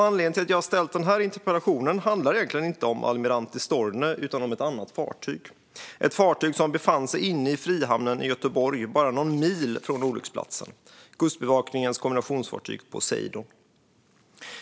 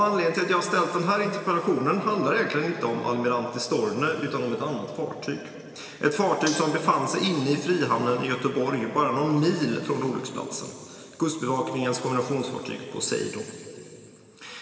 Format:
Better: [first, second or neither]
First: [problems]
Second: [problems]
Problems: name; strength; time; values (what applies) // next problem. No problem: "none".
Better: first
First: none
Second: background sound (Cutlery, silverware); 14 dB below the speech // room echo; dies away in 2.8 s